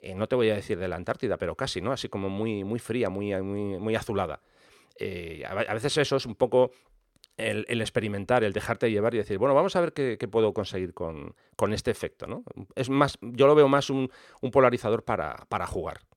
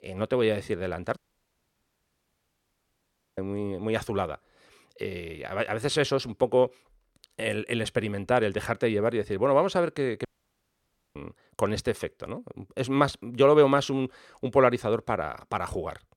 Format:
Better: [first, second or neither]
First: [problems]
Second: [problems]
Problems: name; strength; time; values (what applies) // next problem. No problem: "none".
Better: first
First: none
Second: audio cutting out; at 1 s for 2 s and at 10 s for 1 s